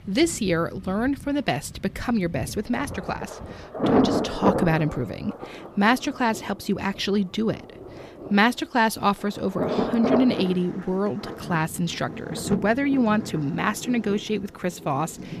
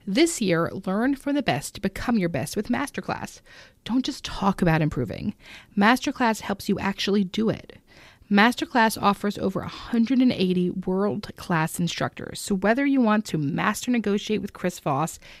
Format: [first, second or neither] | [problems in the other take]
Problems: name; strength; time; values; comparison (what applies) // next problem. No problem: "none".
second | rain or running water; loud; throughout; 5 dB below the speech